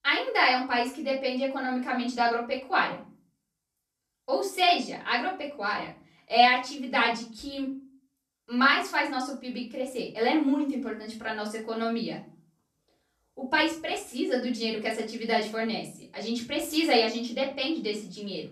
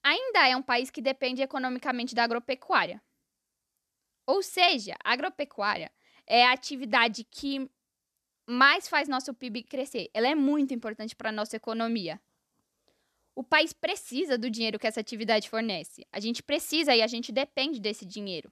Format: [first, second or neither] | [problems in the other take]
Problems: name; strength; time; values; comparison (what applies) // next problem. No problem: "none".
second | off-mic speech; far // room echo; slight; dies away in 0.4 s